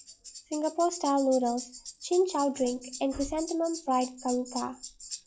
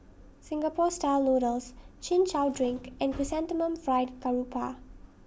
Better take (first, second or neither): second